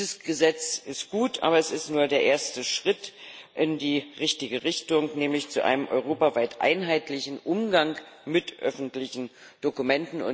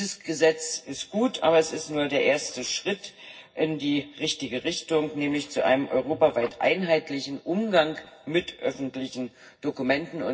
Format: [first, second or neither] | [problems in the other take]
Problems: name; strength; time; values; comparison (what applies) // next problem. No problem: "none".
first | noise reduction (neural separator model SepFormer DNS4)